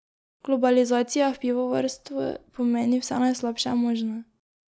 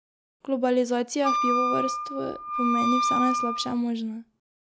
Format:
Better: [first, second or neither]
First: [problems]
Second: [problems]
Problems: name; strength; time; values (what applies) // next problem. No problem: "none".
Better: first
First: none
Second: background sound (Wind instrument, woodwind instrument); 1 dB above the speech